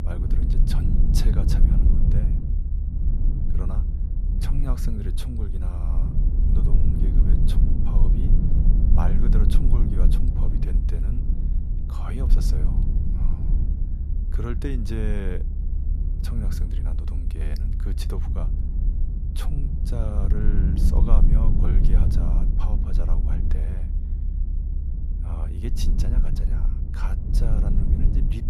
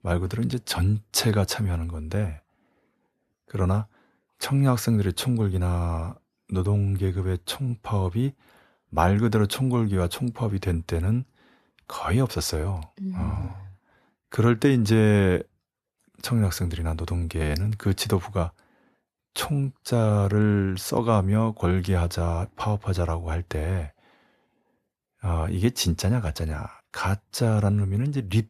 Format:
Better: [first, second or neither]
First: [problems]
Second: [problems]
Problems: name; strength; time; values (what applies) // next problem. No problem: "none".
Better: second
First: low rumble; loud; throughout; as loud as the speech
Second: none